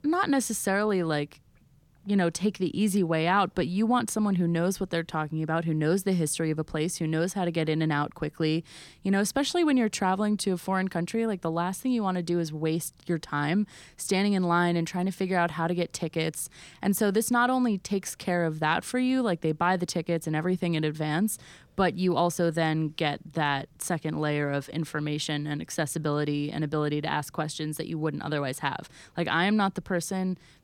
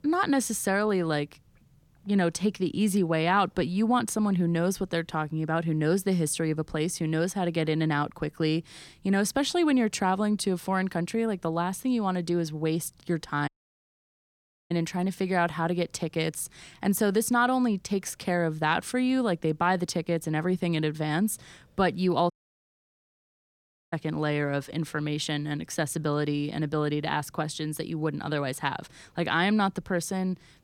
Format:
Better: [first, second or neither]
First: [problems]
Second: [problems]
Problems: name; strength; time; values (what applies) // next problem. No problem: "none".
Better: first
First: none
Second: audio cutting out; at 13 s for 1 s and at 22 s for 1.5 s